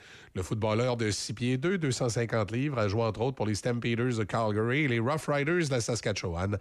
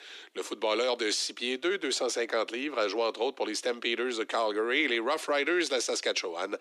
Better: first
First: none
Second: thin; somewhat; fading below 300 Hz

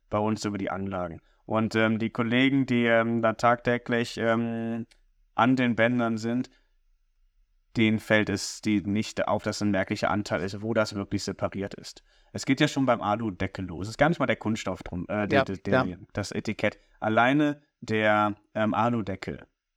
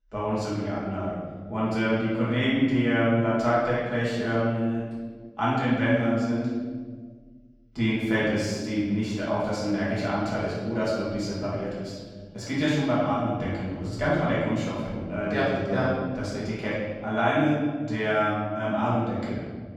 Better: first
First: none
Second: room echo; strong; dies away in 1.7 s // off-mic speech; far

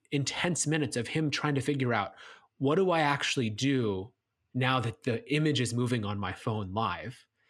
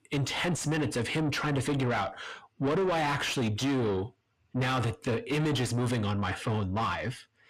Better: first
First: none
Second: distortion; heavy; 6 dB below the speech

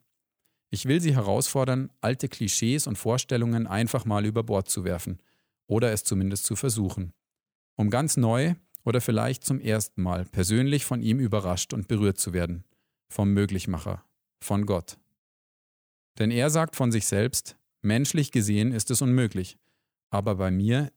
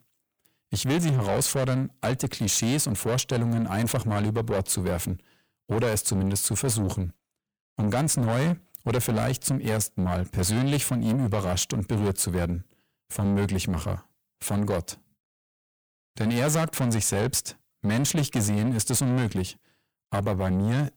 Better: first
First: none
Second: distortion; heavy; 7 dB below the speech

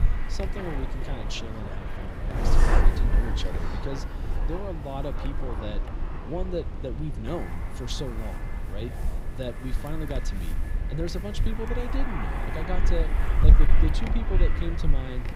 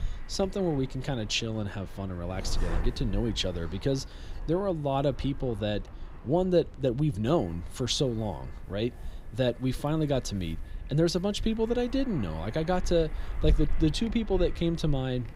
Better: second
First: wind noise on the microphone; heavy; as loud as the speech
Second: wind noise on the microphone; occasional gusts; 20 dB below the speech

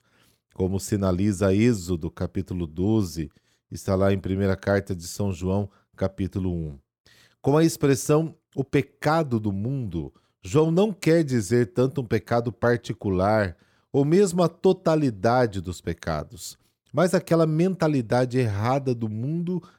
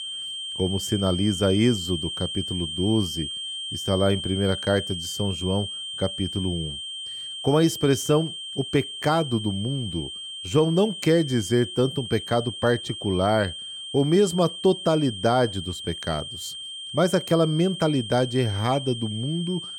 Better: first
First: none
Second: high-pitched whine; loud; throughout; 3 kHz, 7 dB below the speech

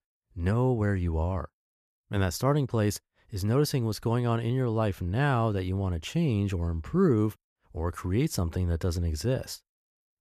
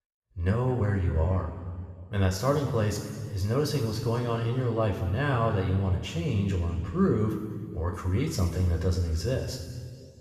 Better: first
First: none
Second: room echo; noticeable; dies away in 2 s // off-mic speech; somewhat distant

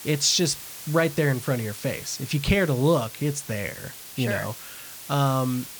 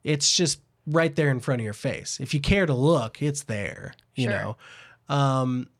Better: second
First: hiss; noticeable; throughout; 15 dB below the speech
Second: none

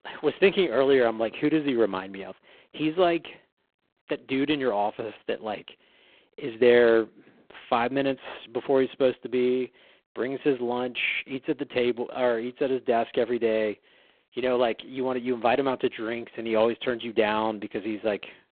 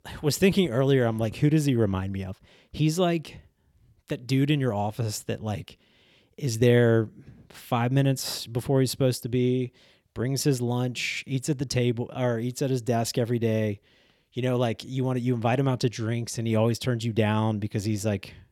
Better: second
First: phone-call audio; poor line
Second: none

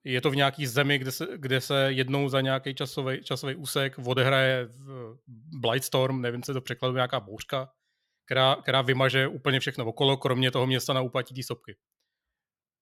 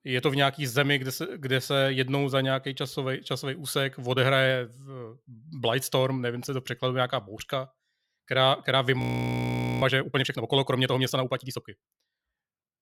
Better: first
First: none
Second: audio freezing; at 9 s for 1 s

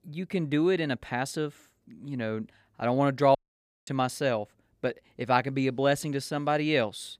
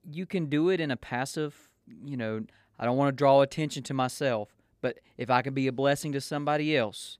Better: second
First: audio cutting out; at 3.5 s for 0.5 s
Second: none

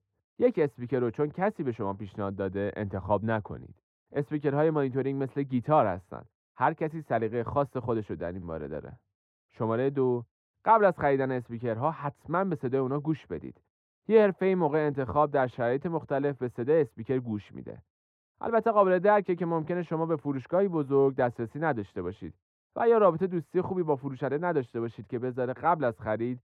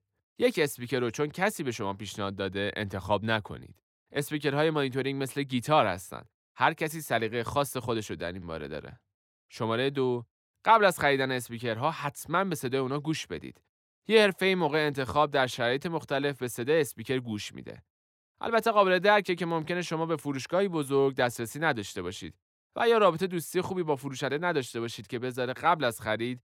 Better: second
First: muffled; very; fading above 2.5 kHz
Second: none

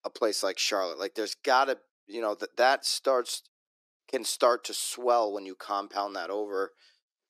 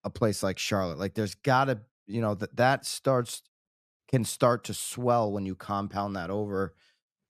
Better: second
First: thin; very; fading below 350 Hz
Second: none

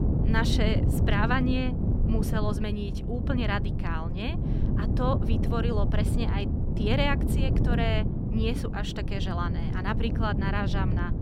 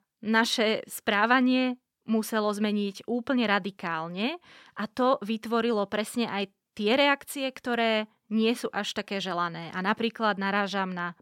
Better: second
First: wind noise on the microphone; heavy; 5 dB below the speech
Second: none

